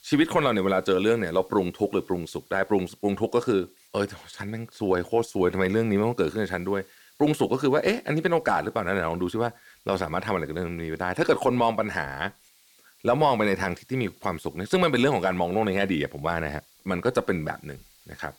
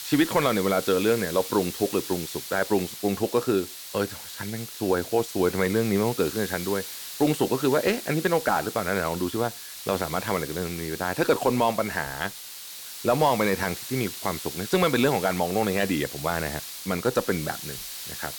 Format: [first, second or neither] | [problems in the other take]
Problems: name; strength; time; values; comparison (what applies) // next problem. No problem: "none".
first | hiss; loud; throughout; 9 dB below the speech; faint in the first